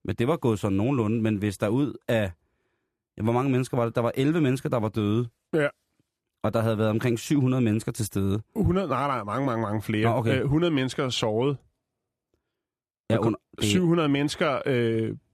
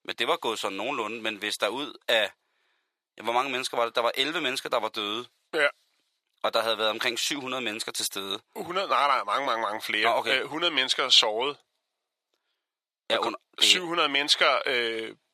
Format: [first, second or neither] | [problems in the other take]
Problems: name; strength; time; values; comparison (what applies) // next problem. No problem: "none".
first | thin; very; fading below 750 Hz